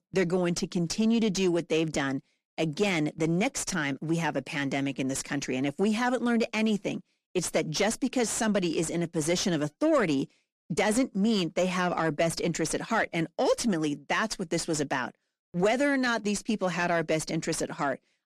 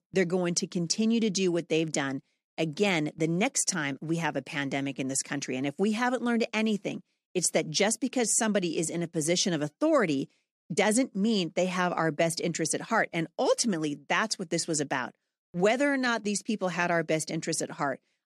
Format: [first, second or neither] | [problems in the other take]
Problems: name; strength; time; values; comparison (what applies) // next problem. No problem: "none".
second | distortion; slight; 10 dB below the speech